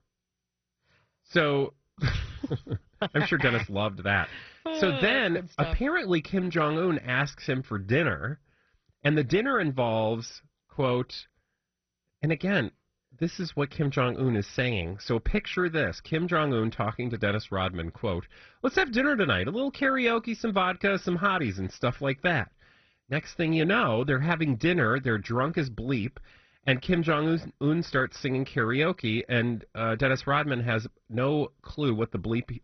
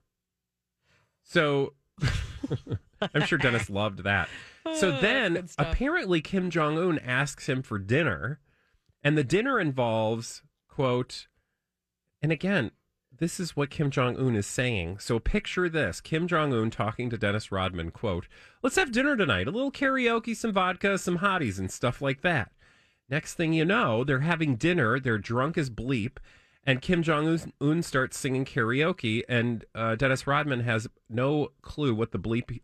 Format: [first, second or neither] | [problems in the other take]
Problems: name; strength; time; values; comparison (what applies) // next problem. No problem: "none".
second | garbled, watery; badly; nothing above 6 kHz